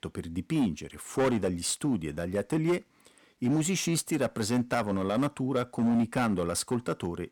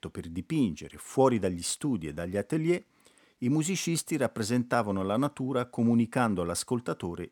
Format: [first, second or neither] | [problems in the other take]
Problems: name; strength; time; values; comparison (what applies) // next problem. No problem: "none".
second | distortion; slight; 7% of the sound clipped